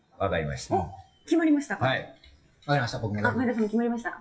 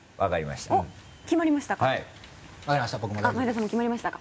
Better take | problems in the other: second | noise reduction (classical method WPE with log-MMSE)

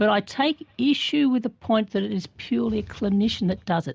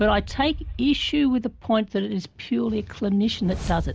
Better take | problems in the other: first | background sound (Whoosh, swoosh, swish); 12 dB below the speech

